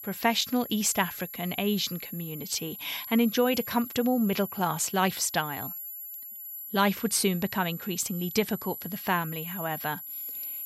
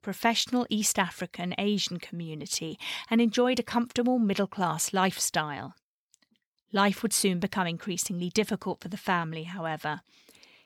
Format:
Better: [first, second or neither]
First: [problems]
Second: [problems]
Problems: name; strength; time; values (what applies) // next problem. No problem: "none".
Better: second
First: high-pitched whine; loud; throughout; 11.5 kHz, 9 dB below the speech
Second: none